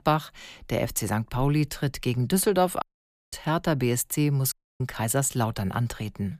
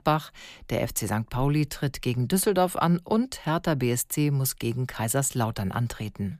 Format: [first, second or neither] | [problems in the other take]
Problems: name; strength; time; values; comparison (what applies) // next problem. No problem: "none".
second | audio cutting out; at 3 s for 0.5 s and at 4.5 s